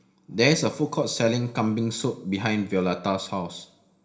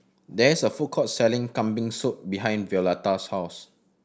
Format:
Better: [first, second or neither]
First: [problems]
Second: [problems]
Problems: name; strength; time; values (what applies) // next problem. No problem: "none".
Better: second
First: room echo; dies away in 0.5 s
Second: none